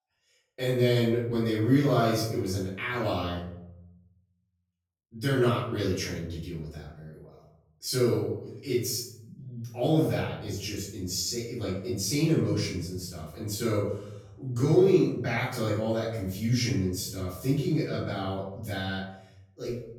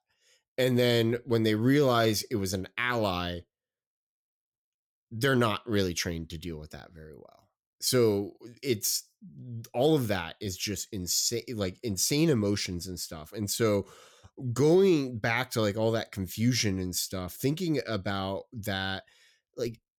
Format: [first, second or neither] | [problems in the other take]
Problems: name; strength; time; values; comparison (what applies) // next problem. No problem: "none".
second | room echo; noticeable; dies away in 0.8 s // off-mic speech; far